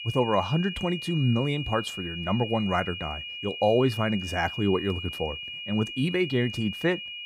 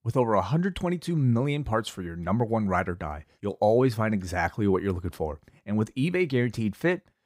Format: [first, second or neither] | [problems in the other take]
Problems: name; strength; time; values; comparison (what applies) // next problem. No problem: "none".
second | high-pitched whine; loud; throughout; 3 kHz, 7 dB below the speech